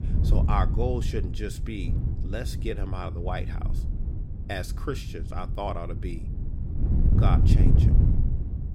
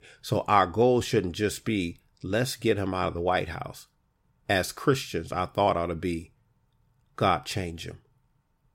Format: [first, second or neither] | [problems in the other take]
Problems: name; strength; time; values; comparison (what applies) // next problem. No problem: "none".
second | wind noise on the microphone; heavy; 6 dB below the speech